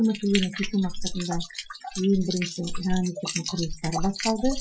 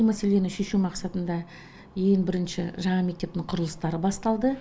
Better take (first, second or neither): second